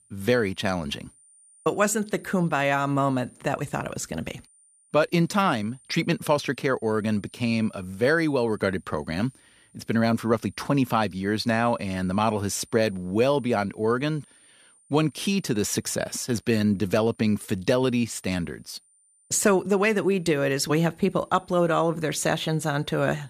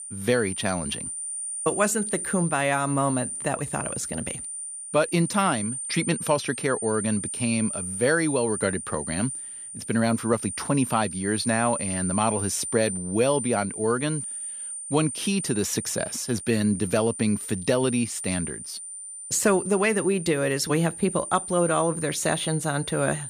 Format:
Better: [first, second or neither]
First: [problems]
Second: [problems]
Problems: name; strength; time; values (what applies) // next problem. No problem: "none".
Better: first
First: high-pitched whine; faint; throughout; 9 kHz, 30 dB below the speech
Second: high-pitched whine; loud; throughout; 9 kHz, 6 dB below the speech